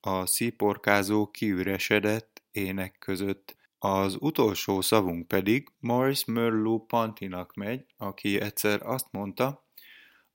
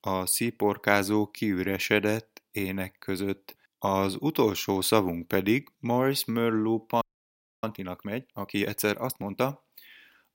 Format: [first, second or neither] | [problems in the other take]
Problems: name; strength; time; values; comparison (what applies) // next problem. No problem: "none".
first | audio freezing; at 7 s for 0.5 s